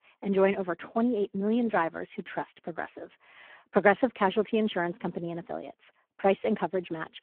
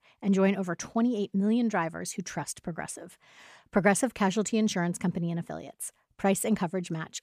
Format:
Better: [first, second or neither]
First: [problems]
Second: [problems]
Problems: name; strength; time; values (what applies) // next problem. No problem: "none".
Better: second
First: phone-call audio; poor line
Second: none